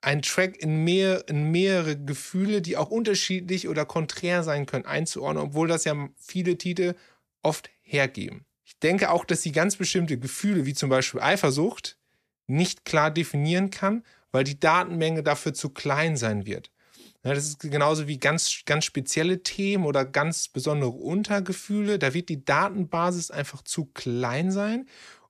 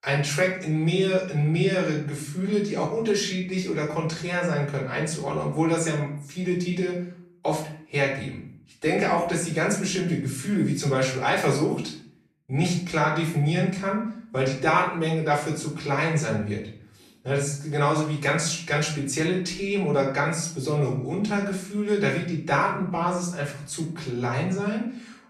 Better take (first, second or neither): first